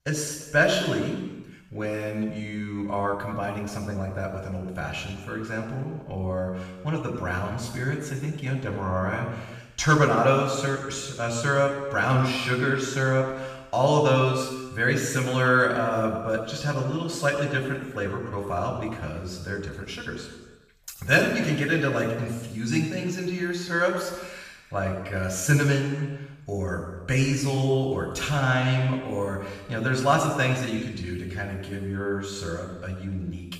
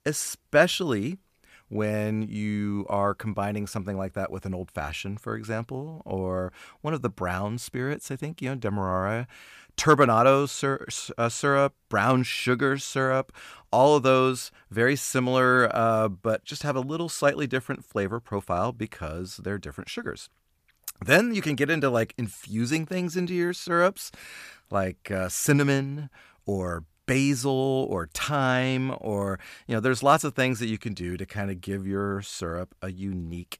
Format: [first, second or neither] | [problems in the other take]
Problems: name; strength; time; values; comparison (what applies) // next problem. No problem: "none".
second | room echo; noticeable; dies away in 1 s // off-mic speech; far